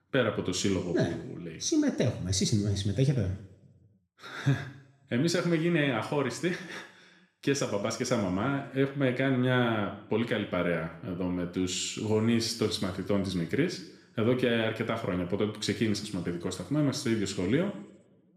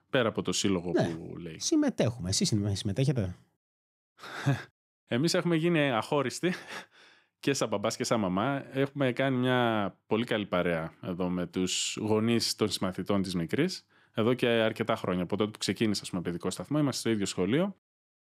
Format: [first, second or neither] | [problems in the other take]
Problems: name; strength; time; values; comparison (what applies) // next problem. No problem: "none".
second | room echo; slight; dies away in 0.7 s